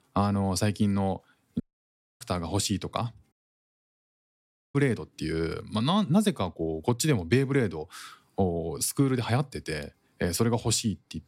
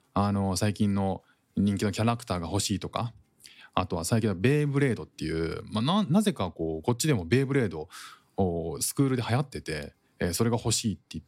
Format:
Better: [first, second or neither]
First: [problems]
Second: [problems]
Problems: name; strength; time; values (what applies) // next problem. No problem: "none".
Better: second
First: audio cutting out; at 1.5 s for 0.5 s and at 3.5 s for 1.5 s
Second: none